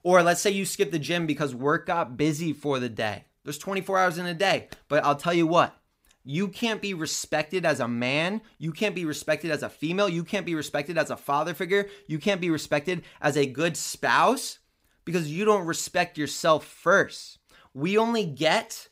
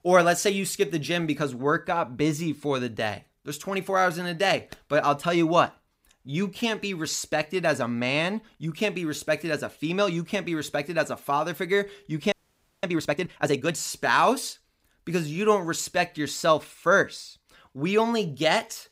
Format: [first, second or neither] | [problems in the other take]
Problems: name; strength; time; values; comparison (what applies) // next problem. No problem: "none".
first | audio freezing; at 12 s for 0.5 s